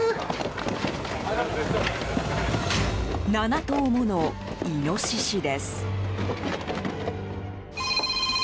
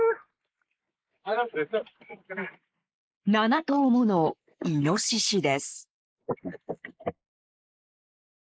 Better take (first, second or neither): first